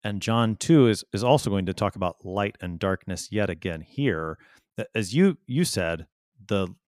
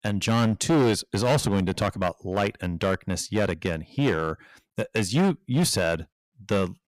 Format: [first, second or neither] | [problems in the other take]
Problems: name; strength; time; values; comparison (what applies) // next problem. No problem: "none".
first | distortion; heavy; 9% of the sound clipped